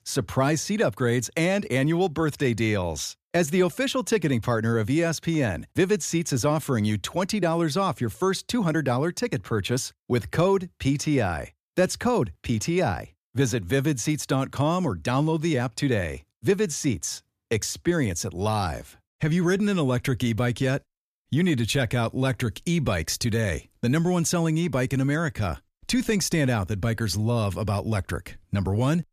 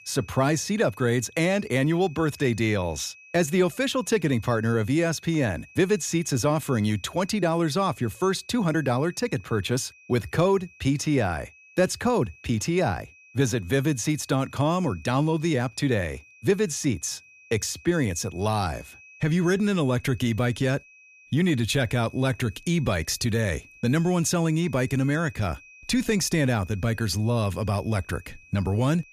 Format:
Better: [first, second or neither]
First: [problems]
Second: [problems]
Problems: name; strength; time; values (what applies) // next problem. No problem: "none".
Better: first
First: none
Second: high-pitched whine; faint; throughout; 2.5 kHz, 25 dB below the speech